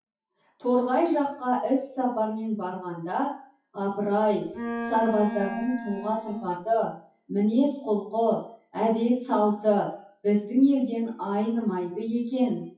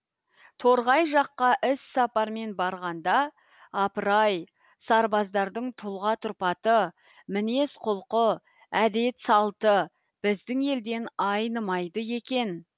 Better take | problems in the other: second | noise reduction (classical method WPE with log-MMSE)

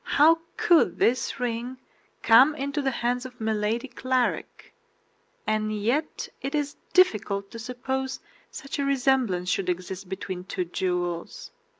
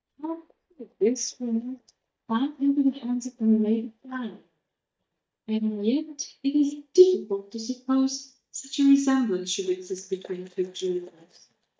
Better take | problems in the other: first | noise reduction (neural mask model DeepFilterNet 3)

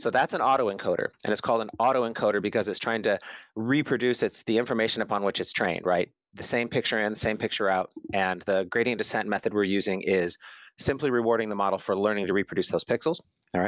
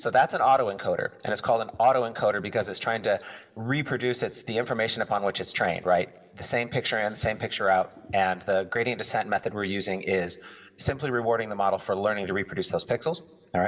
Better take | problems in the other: first | room echo; dies away in 0.5 s

